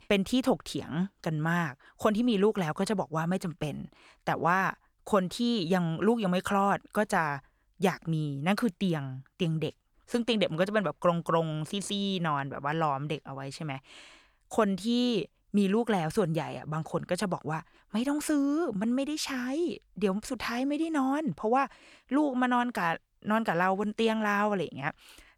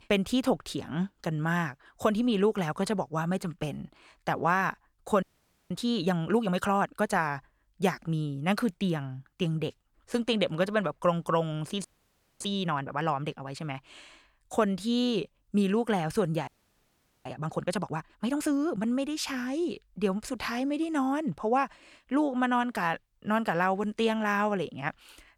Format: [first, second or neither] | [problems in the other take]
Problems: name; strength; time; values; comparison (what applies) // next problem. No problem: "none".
first | audio freezing; at 5 s, at 12 s for 0.5 s and at 16 s for 1 s